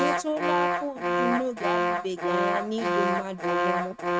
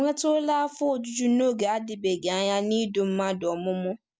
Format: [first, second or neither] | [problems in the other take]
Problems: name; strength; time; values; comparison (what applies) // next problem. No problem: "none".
second | noise reduction (neural mask model RNNoise)